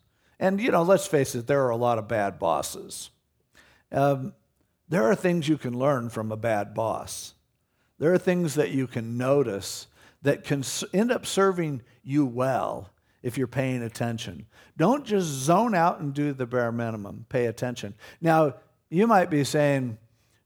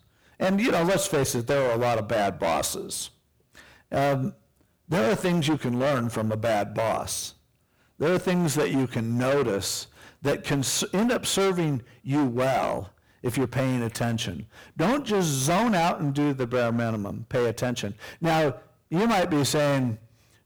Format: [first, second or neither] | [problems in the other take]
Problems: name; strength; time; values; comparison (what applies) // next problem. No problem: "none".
first | distortion; heavy; 18% of the sound clipped